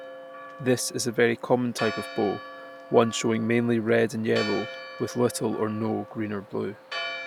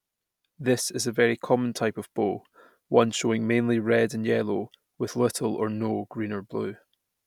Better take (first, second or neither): second